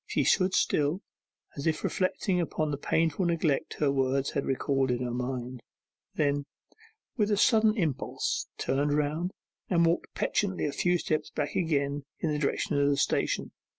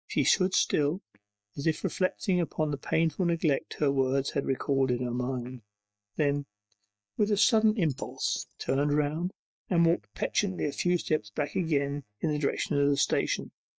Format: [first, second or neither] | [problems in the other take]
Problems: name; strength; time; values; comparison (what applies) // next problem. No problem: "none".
first | noise reduction (neural mask model DeepFilterNet 3)